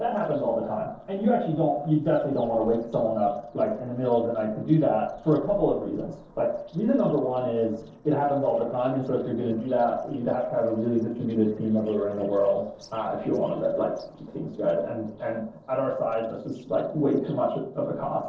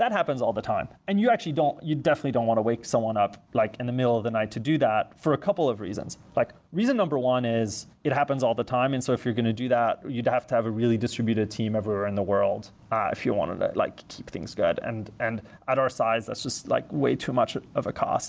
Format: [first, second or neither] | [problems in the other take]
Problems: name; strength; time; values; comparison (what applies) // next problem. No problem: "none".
second | noise reduction (neural separator model SepFormer DNS4)